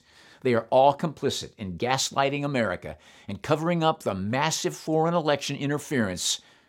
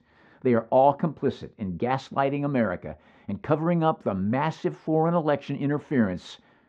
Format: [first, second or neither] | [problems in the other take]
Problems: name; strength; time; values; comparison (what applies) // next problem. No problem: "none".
first | muffled; very; fading above 1.5 kHz